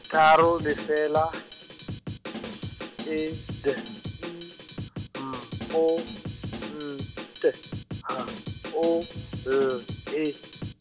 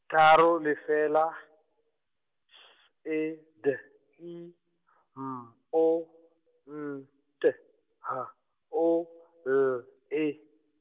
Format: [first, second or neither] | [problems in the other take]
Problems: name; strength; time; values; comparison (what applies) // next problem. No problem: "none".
second | background sound (Drum kit); 9 dB below the speech